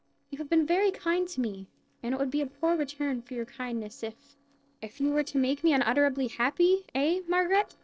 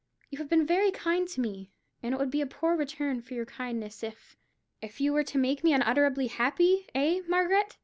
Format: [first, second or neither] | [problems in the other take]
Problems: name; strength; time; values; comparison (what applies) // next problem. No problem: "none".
second | noise reduction (neural separator model SepFormer DNS4)